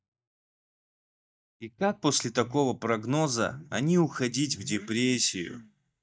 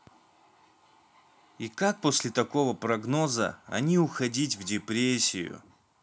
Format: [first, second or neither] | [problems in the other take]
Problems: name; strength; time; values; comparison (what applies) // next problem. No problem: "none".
second | noise reduction (neural mask model DeepFilterNet 3)